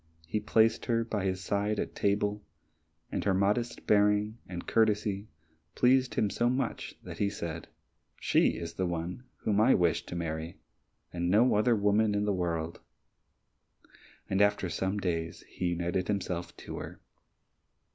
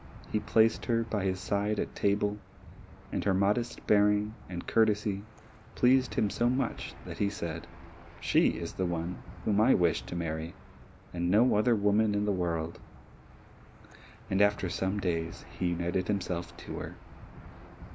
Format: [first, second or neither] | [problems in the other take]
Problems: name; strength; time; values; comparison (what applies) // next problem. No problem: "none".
first | background sound (Engine / Aircraft); 17 dB below the speech